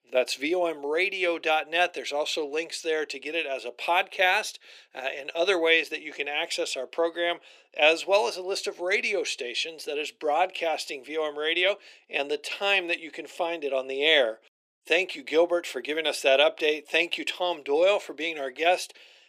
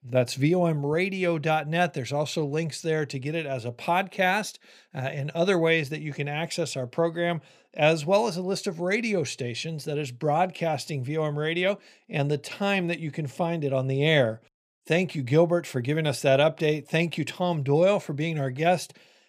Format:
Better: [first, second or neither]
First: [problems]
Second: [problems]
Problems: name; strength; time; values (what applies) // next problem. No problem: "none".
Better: second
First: thin; very; fading below 350 Hz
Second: none